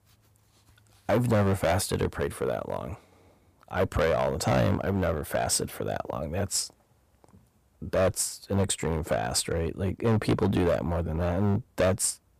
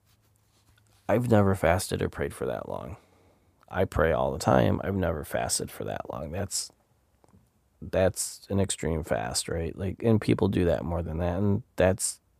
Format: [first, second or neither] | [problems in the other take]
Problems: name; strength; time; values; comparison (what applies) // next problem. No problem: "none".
second | distortion; heavy; 6% of the sound clipped